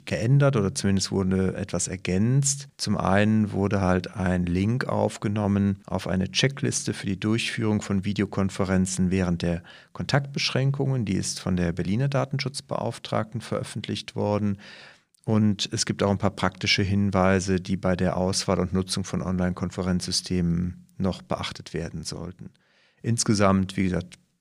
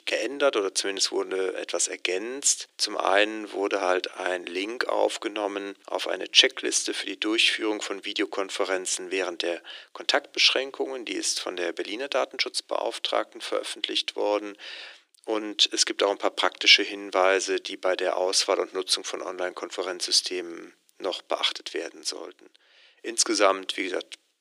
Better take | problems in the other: first | thin; very; fading below 300 Hz

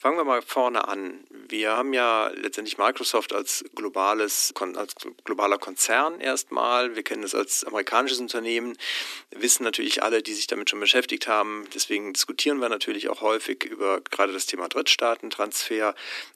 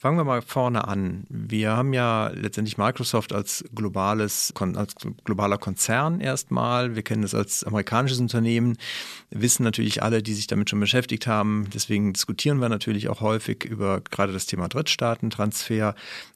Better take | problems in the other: second | thin; somewhat; fading below 250 Hz

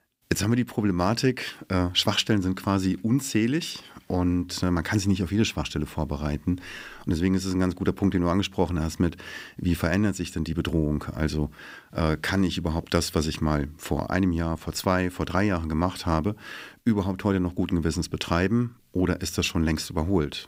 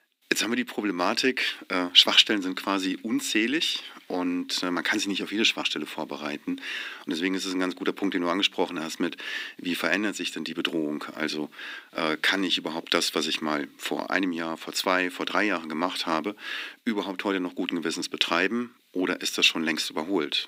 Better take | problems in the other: first | thin; somewhat; fading below 250 Hz

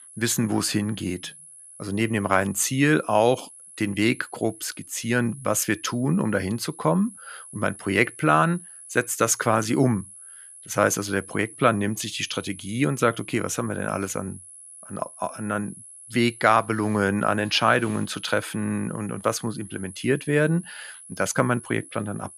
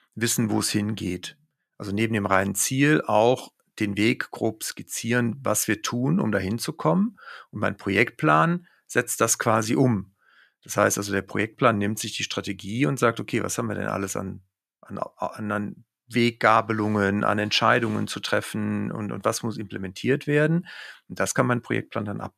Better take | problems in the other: second | high-pitched whine; noticeable; throughout; 10.5 kHz, 20 dB below the speech

